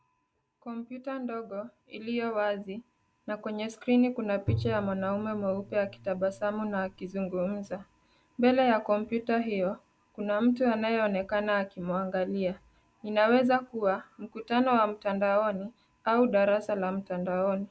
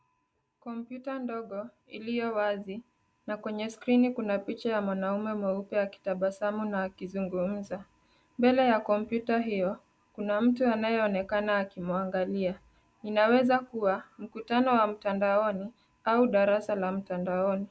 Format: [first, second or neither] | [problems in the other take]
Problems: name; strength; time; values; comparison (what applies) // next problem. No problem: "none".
second | background sound (Bowed string instrument); 9 dB below the speech